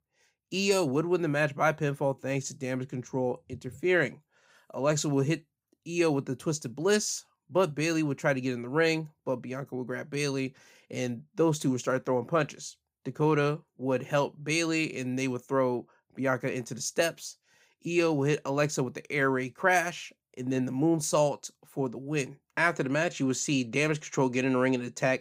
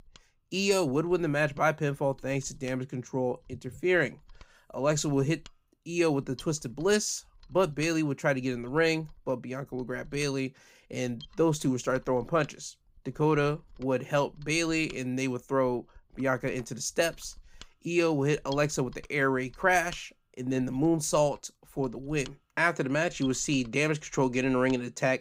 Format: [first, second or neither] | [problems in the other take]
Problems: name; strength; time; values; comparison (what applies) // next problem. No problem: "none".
first | machinery noise; faint; throughout; 25 dB below the speech